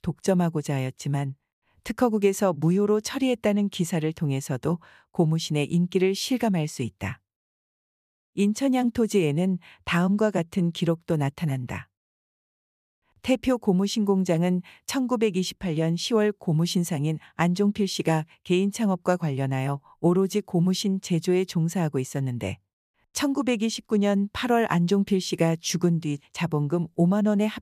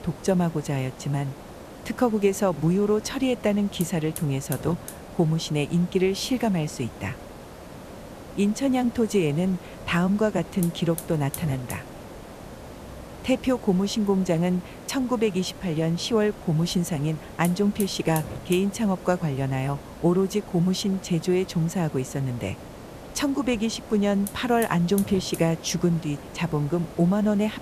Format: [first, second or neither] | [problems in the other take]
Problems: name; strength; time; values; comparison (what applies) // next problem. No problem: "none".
first | hiss; noticeable; throughout; 15 dB below the speech